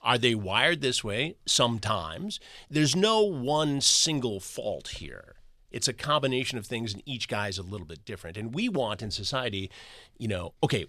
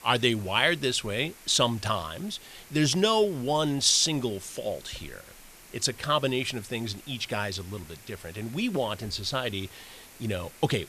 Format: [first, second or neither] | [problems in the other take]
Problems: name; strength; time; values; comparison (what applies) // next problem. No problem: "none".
first | hiss; faint; throughout; 20 dB below the speech